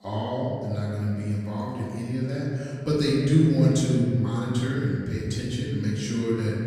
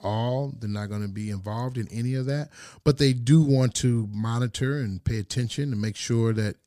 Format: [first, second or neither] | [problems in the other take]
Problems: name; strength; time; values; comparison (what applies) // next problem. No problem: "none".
second | off-mic speech; far // room echo; noticeable; dies away in 2 s